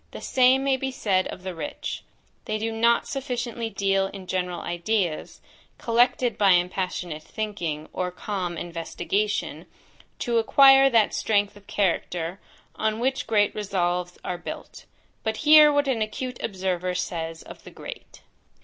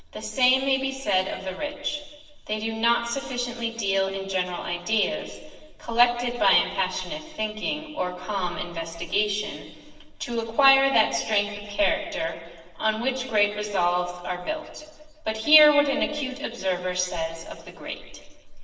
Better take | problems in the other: first | room echo; dies away in 1.4 s

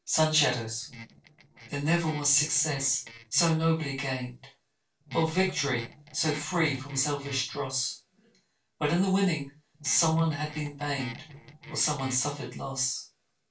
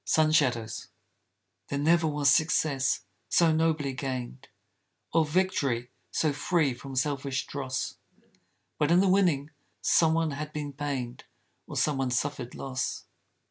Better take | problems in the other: second | noise reduction (neural separator model SepFormer DNS4)

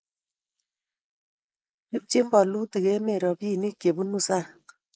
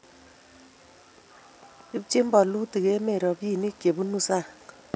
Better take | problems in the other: second | noise reduction (neural mask model Resemble Enhance denoiser)

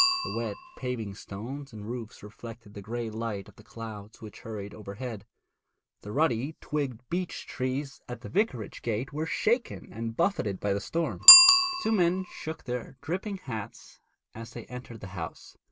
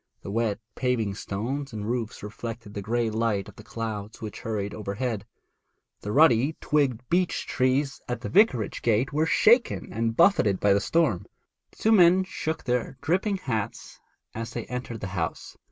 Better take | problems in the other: second | background sound (Bicycle bell); as loud as the speech

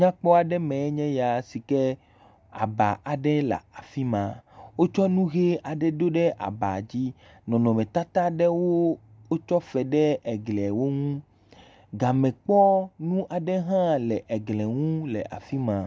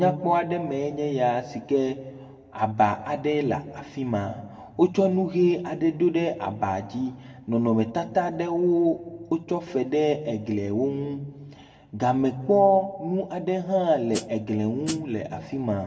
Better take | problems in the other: first | background sound (Hi-hat); 11 dB below the speech // room echo; dies away in 0.9 s

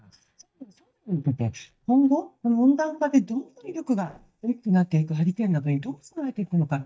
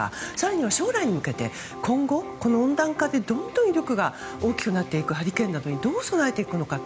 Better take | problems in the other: second | noise reduction (neural mask model DeepFilterNet 3)

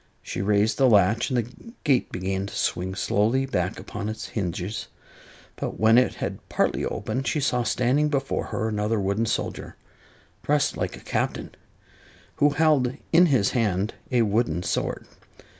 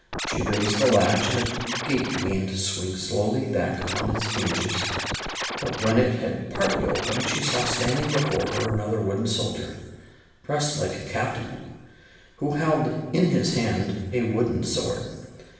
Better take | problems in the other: first | background sound (Scratching (performance technique)); 4 dB below the speech // room echo; dies away in 1.1 s

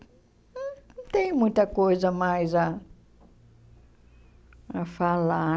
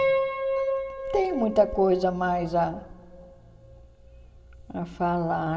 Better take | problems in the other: first | background sound (Piano); 4 dB below the speech // room echo; dies away in 2.8 s

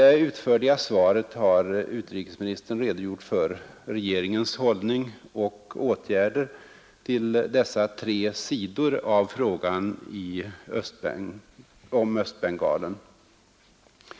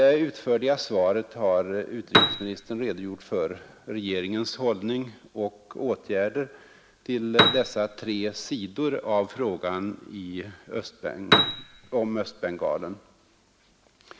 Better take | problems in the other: first | background sound (Piano); 3 dB above the speech

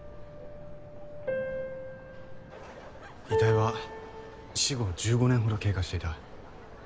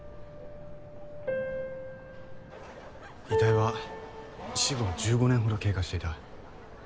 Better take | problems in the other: first | background sound (Race car, auto racing / Accelerating, revving, vroom); 13 dB below the speech

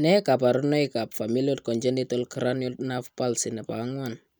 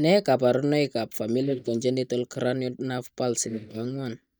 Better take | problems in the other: first | noise reduction (neural mask model DeepFilterNet 3)

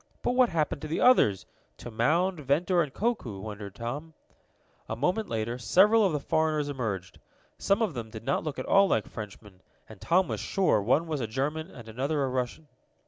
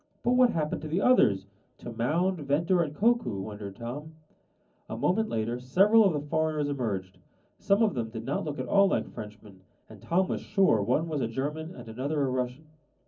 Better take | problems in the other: first | room echo; dies away in 0.4 s

